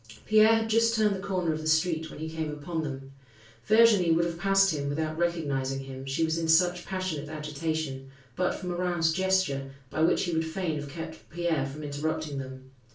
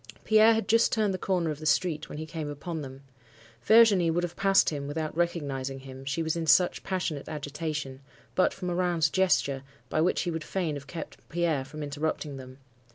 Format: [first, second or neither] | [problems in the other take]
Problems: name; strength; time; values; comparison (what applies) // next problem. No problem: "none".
second | room echo; dies away in 0.3 s